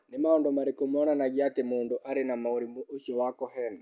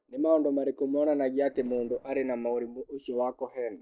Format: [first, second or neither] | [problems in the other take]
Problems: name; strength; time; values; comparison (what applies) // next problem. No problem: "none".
first | noise reduction (neural separator model SepFormer DNS4)